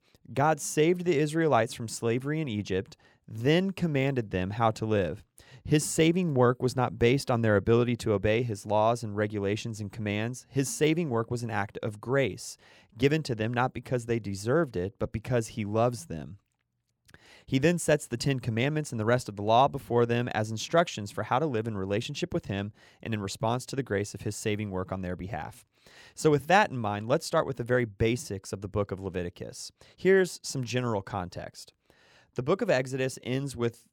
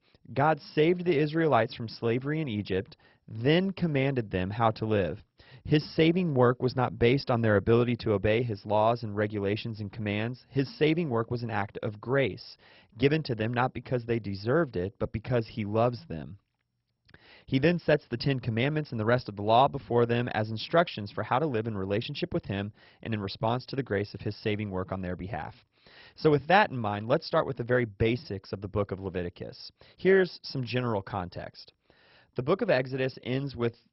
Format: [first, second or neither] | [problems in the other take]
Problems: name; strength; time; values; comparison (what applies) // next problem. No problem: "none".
first | garbled, watery; badly; nothing above 5.5 kHz